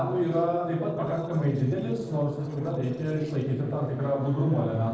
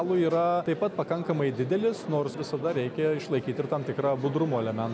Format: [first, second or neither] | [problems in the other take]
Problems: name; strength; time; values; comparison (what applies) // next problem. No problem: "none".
second | noise reduction (neural separator model SepFormer DNS4)